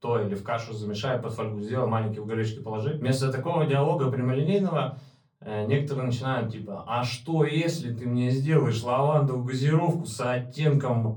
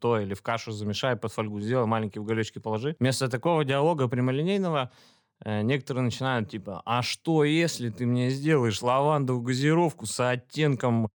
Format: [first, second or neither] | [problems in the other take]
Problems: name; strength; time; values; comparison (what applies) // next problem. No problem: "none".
second | off-mic speech; far // room echo; very slight; dies away in 0.4 s